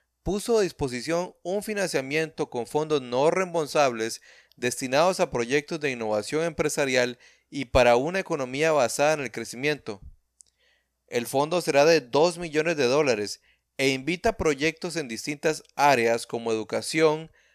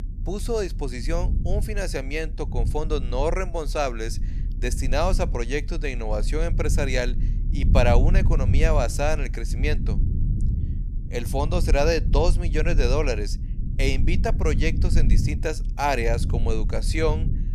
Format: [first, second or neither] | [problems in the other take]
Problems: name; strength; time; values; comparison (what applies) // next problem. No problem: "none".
first | low rumble; noticeable; throughout; 15 dB below the speech